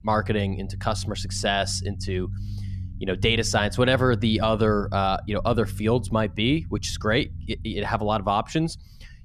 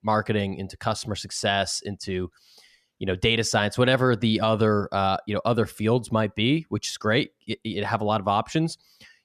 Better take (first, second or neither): second